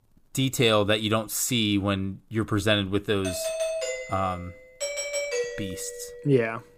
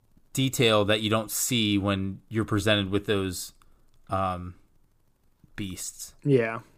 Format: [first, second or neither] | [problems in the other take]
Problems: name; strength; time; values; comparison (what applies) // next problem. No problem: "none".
second | doorbell; noticeable; from 3 to 6 s; peak 2 dB below the speech